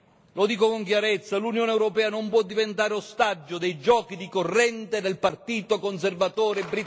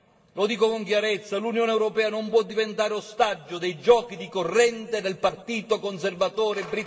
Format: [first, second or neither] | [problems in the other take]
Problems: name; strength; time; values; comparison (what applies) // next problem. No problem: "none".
first | room echo; dies away in 2.2 s